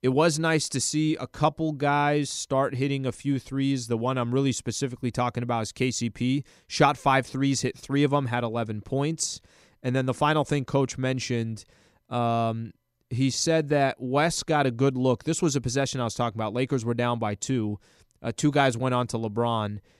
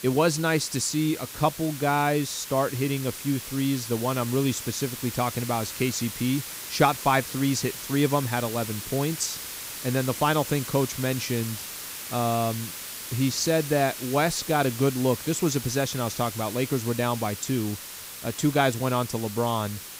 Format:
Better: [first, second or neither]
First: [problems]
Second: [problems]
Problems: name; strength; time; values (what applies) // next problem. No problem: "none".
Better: first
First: none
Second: hiss; loud; throughout; 9 dB below the speech